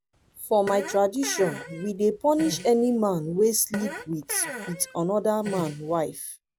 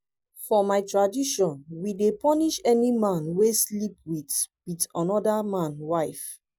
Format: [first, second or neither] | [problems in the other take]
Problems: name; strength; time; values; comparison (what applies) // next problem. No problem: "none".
second | background sound (Fart); 13 dB below the speech